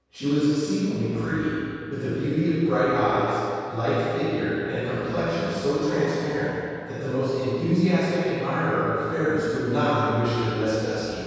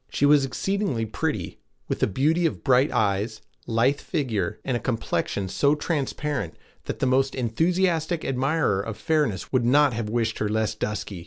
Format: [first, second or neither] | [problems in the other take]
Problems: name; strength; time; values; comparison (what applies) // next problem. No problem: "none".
second | room echo; dies away in 2.2 s